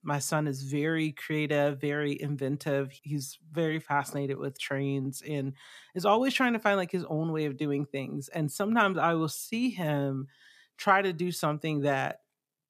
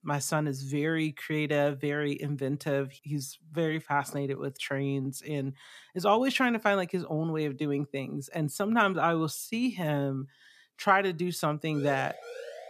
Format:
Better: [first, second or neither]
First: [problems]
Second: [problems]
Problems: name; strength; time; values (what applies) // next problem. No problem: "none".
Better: first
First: none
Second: siren; faint; at 12 s; peak 10 dB below the speech